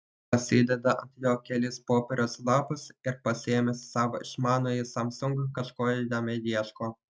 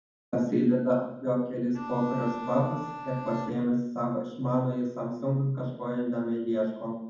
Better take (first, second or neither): first